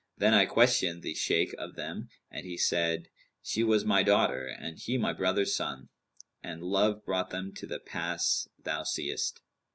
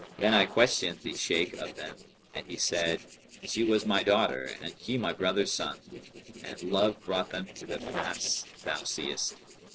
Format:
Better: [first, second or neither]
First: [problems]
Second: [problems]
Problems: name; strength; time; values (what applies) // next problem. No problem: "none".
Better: first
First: none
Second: noise reduction (neural separator model SepFormer DNS4)